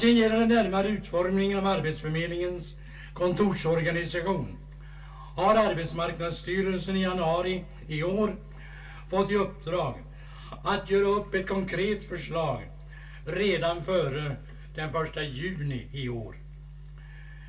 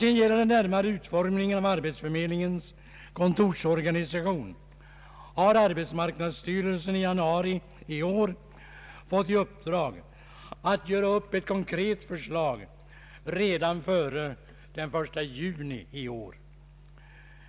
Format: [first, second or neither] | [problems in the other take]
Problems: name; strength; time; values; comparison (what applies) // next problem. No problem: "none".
second | room echo; dies away in 0.2 s